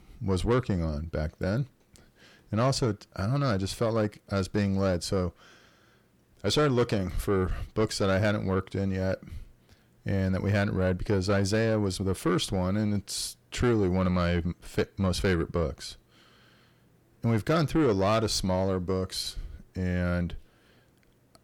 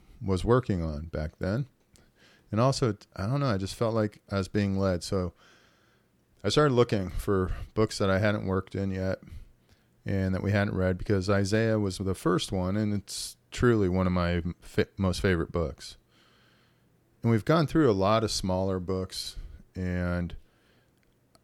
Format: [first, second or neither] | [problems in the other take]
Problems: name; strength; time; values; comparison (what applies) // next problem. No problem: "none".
second | distortion; slight; 10 dB below the speech